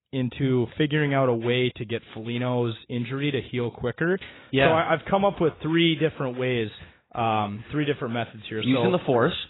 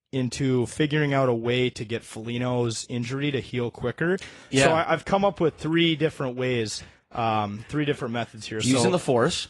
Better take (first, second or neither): second